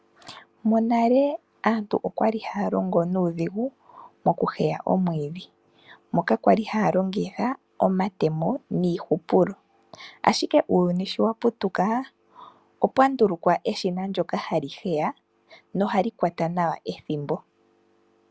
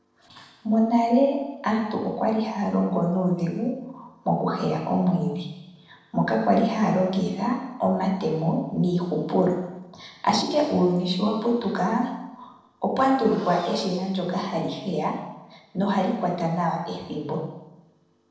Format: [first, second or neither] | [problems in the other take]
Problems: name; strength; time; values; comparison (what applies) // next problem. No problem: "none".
first | noise reduction (neural separator model SepFormer DNS4)